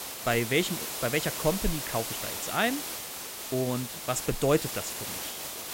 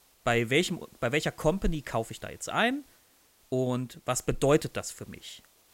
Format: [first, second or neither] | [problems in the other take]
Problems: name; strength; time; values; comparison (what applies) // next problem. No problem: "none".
second | hiss; loud; throughout; 4 dB below the speech; faint in the second